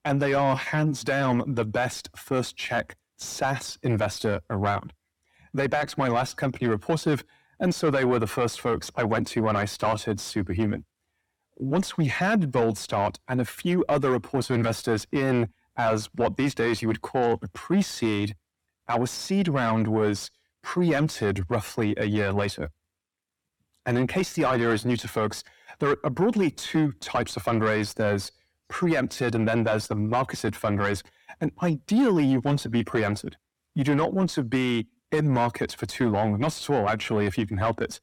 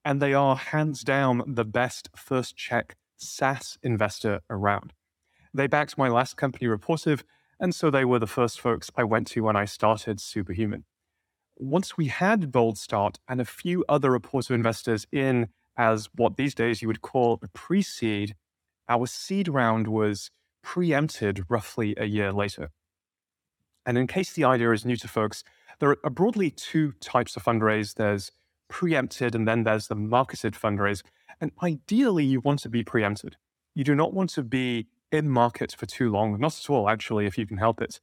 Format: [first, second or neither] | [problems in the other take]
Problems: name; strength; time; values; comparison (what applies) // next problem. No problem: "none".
second | distortion; heavy; 8 dB below the speech